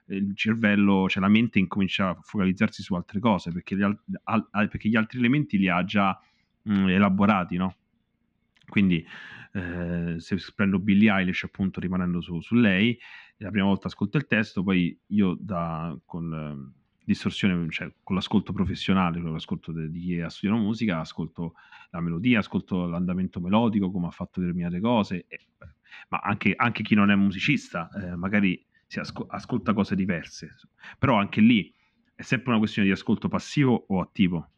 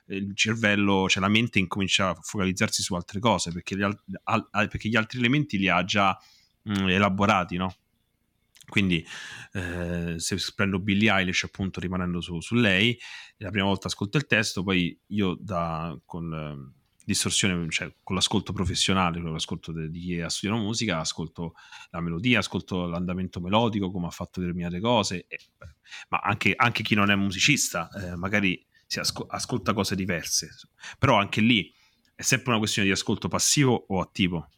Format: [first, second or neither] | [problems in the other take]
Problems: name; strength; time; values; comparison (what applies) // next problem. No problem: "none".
second | muffled; slightly; fading above 2.5 kHz